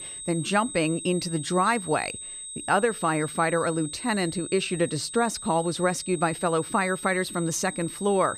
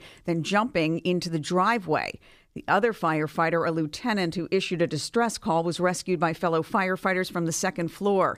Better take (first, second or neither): second